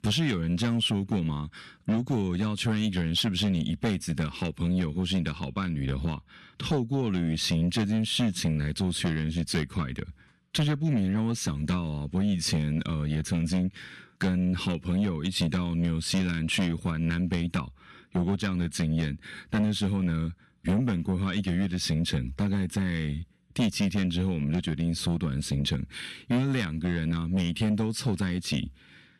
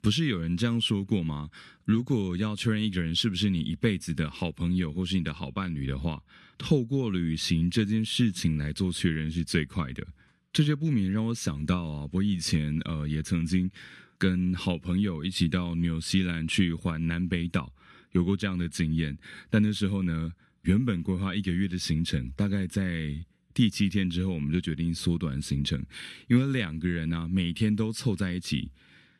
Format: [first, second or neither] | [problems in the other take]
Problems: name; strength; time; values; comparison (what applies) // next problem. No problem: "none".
second | distortion; slight; 10 dB below the speech